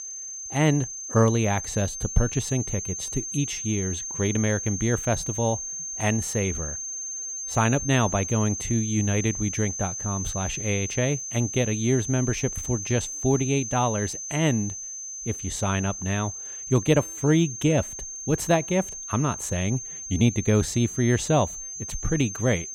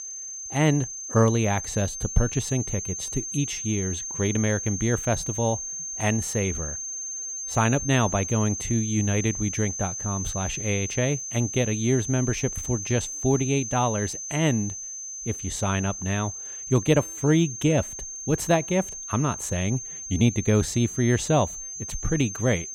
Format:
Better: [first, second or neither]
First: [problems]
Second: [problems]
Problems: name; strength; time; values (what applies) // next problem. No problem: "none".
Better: neither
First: high-pitched whine; loud; throughout; 6.5 kHz, 6 dB below the speech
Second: high-pitched whine; loud; throughout; 6.5 kHz, 6 dB below the speech